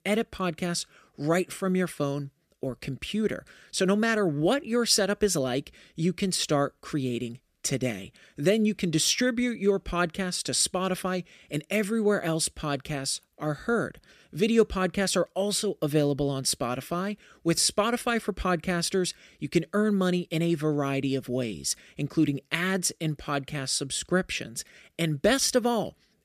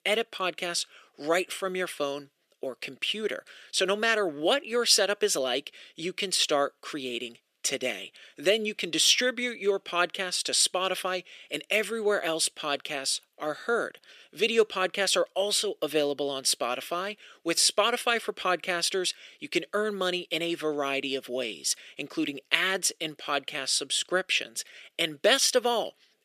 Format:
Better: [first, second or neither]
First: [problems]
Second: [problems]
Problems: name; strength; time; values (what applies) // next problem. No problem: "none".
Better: first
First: none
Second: thin; somewhat; fading below 500 Hz